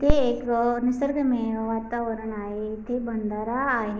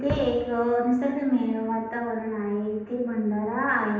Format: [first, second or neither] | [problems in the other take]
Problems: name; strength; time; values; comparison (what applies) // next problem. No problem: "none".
first | room echo; dies away in 0.9 s